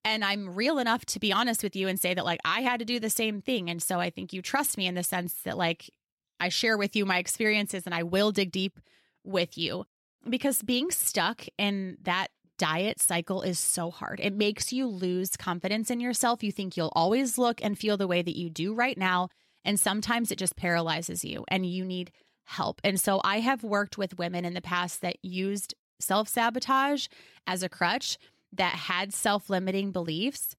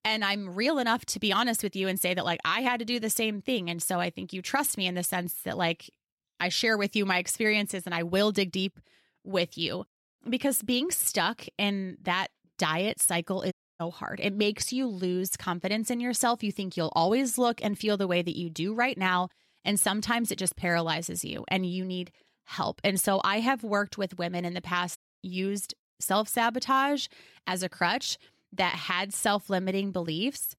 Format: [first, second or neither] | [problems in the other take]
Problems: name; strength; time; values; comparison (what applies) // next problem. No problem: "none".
first | audio cutting out; at 14 s and at 25 s